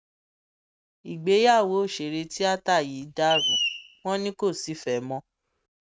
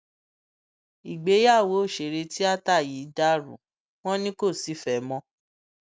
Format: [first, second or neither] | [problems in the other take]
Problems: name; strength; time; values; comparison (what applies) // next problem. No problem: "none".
second | noise reduction (neural mask model RNNoise)